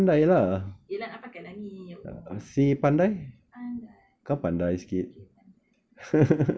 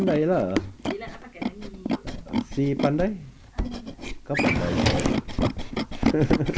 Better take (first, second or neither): first